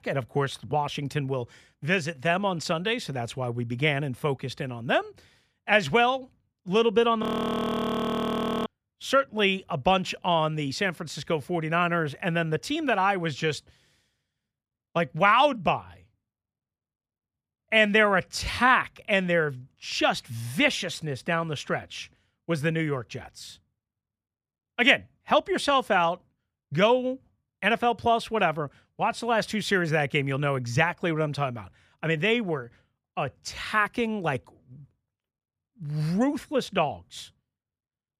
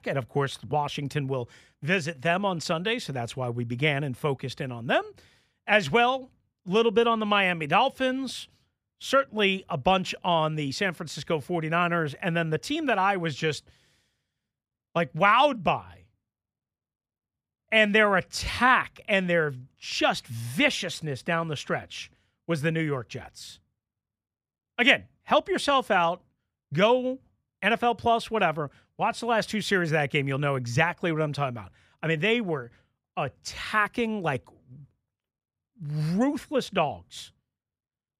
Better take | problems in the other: second | audio freezing; at 7 s for 1.5 s

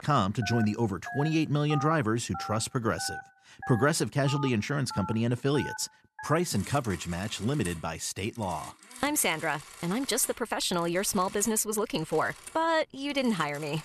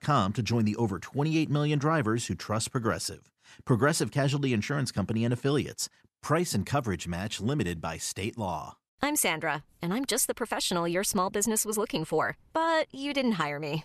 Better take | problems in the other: second | alarms or sirens; noticeable; throughout; 15 dB below the speech

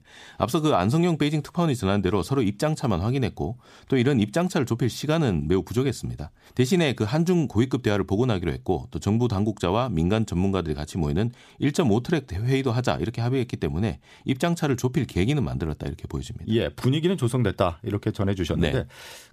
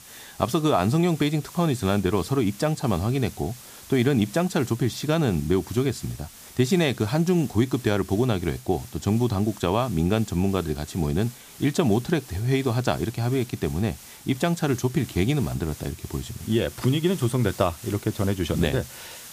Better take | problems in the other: first | hiss; noticeable; throughout; 20 dB below the speech

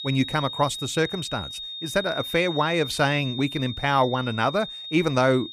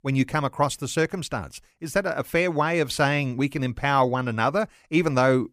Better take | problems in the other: second | high-pitched whine; loud; throughout; 3.5 kHz, 9 dB below the speech

